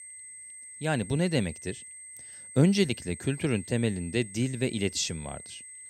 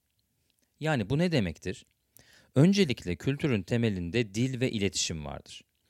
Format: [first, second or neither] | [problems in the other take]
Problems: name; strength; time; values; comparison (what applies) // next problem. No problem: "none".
second | high-pitched whine; noticeable; throughout; 8.5 kHz, 15 dB below the speech